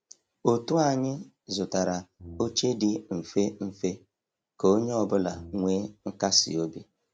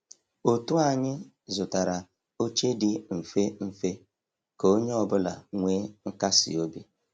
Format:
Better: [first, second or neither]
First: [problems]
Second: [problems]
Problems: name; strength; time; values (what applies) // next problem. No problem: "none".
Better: second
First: background sound (Brass instrument); 19 dB below the speech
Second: none